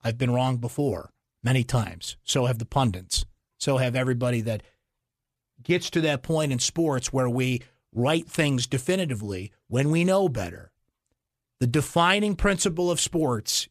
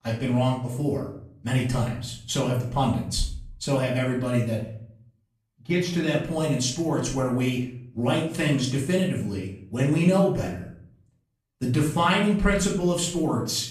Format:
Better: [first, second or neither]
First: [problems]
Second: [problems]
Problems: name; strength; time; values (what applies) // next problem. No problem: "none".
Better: first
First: none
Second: room echo; noticeable; dies away in 0.5 s // off-mic speech; far